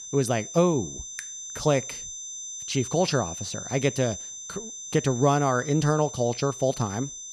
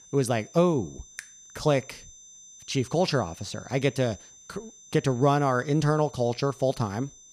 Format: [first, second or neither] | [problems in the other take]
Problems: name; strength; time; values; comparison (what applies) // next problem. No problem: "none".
second | high-pitched whine; loud; throughout; 6 kHz, 10 dB below the speech; faint in the second